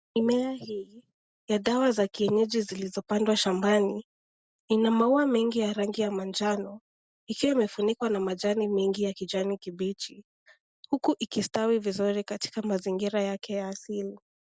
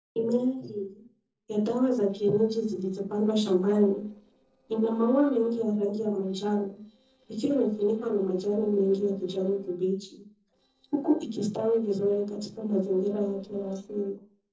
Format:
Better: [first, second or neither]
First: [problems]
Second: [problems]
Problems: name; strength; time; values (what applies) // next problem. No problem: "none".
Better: first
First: none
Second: noise reduction (neural separator model SepFormer DNS4)